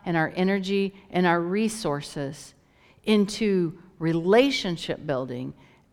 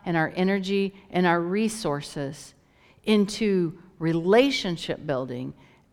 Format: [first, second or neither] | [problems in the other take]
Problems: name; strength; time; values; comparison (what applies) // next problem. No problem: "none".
neither | none